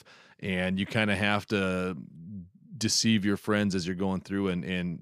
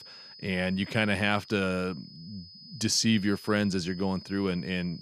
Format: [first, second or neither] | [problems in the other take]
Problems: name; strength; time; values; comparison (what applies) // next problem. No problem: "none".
first | high-pitched whine; noticeable; throughout; 5 kHz, 20 dB below the speech